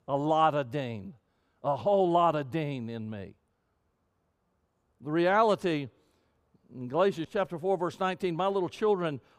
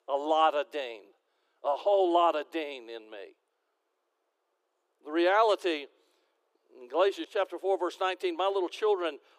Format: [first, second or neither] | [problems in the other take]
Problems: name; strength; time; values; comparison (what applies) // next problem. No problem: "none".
first | thin; very; fading below 350 Hz